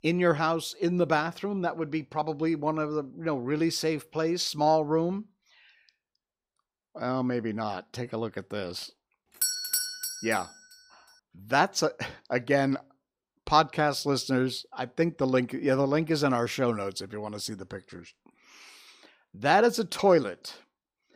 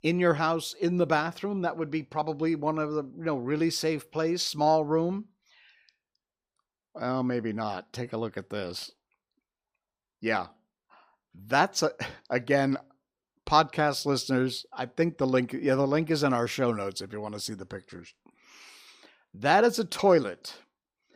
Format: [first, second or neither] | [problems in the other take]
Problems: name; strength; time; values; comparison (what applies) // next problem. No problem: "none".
second | doorbell; loud; at 9.5 s; peak 2 dB above the speech